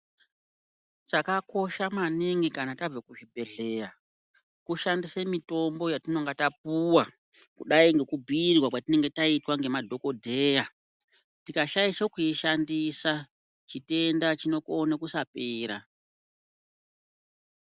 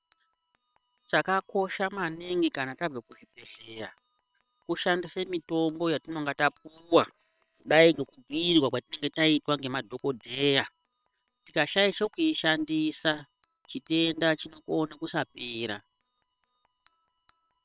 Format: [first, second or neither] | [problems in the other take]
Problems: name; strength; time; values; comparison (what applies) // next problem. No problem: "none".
first | noise reduction (neural separator model SepFormer WHAM!)